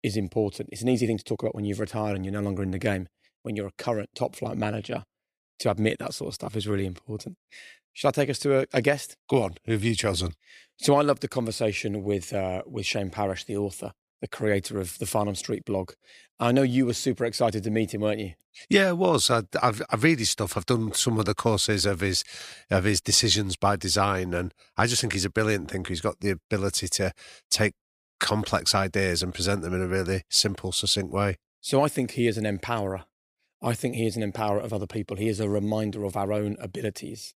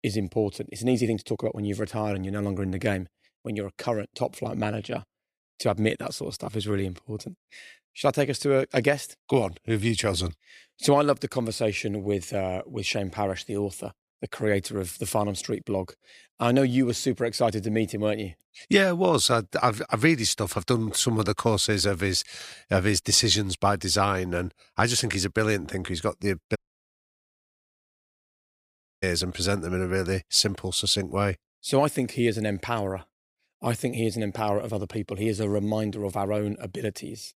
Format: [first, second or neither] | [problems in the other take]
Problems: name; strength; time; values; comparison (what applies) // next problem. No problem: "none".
first | audio cutting out; at 27 s for 2.5 s